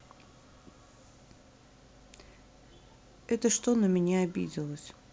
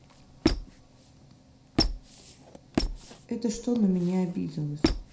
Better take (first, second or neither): first